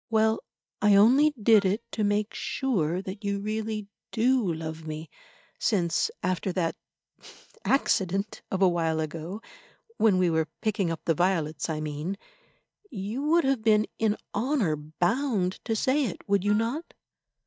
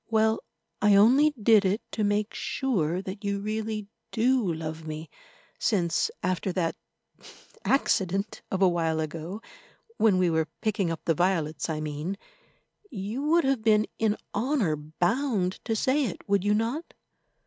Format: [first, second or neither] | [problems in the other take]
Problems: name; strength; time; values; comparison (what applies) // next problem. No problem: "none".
second | noise reduction (neural mask model DeepFilterNet 3)